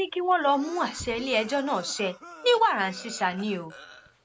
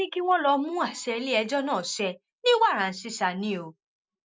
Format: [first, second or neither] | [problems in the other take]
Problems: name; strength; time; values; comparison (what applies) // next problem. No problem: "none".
second | background sound (Cough); 19 dB below the speech